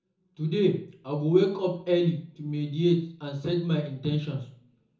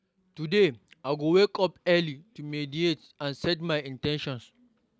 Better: second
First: room echo; dies away in 0.6 s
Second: none

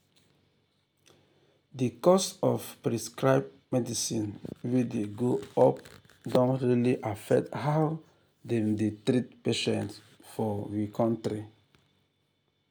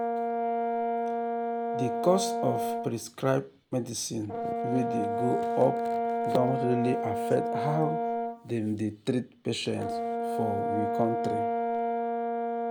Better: first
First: none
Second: background sound (Brass instrument); 1 dB above the speech

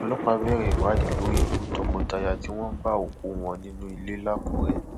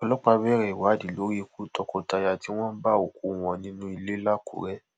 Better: second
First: background sound (Thunder / Rain); 2 dB above the speech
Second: none

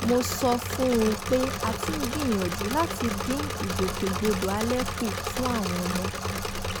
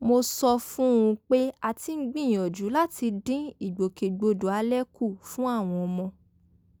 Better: second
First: background sound (Engine / Mechanisms); 2 dB below the speech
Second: none

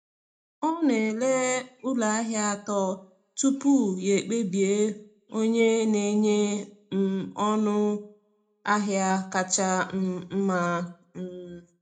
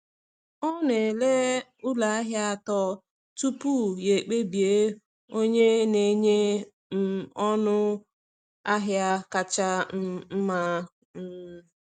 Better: second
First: room echo; dies away in 0.2 s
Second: none

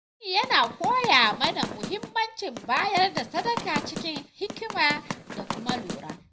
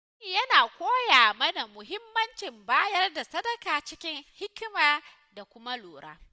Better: second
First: background sound (Run); 9 dB below the speech // room echo; dies away in 0.4 s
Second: none

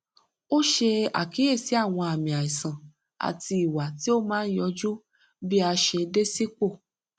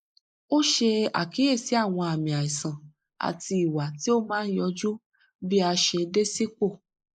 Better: first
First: none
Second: noise reduction (neural mask model Resemble Enhance denoiser)

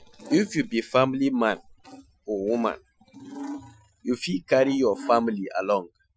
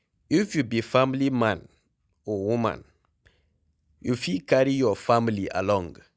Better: second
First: noise reduction (classical method Wiener filter)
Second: none

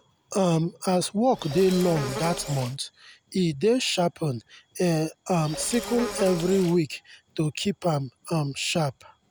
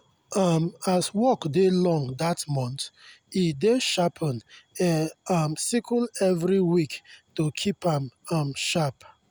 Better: second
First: background sound (Insect); 9 dB below the speech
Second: none

